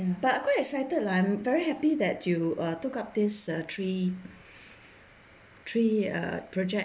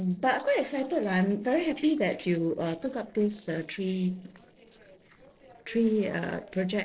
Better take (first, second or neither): first